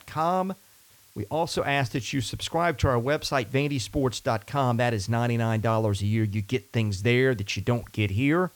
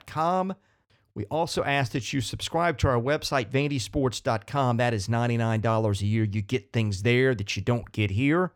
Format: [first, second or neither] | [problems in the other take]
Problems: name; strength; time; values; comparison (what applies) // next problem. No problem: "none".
second | hiss; faint; throughout; 25 dB below the speech